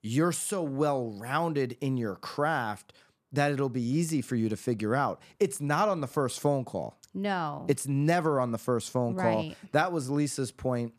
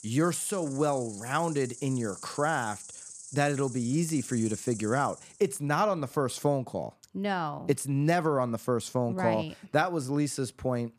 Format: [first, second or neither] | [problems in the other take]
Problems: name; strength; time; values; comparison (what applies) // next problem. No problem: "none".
first | animal sounds; noticeable; until 5 s; 15 dB below the speech